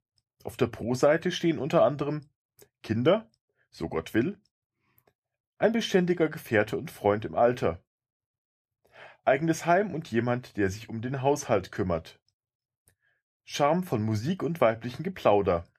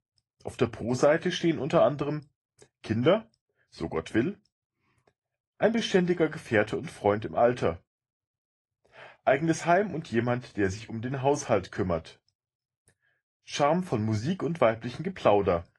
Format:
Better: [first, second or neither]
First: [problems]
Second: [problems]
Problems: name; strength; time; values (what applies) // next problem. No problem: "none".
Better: first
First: none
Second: garbled, watery; slightly; nothing above 11 kHz